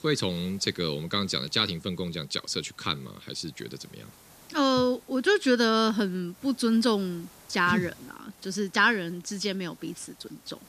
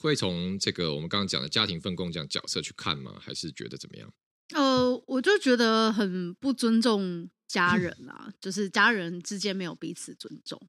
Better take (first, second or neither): second